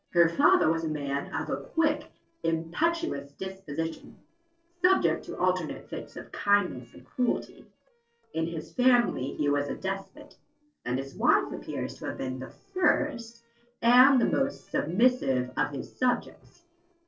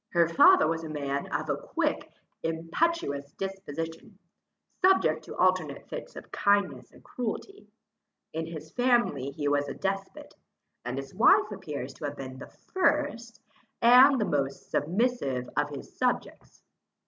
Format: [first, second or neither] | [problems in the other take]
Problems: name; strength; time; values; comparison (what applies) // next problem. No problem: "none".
second | noise reduction (neural separator model SepFormer DNS4)